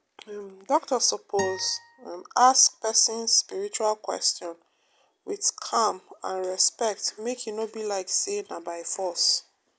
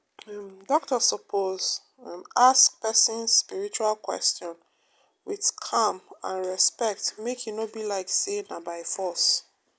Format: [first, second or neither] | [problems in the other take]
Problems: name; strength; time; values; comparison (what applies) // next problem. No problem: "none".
second | background sound (Acoustic guitar); 13 dB below the speech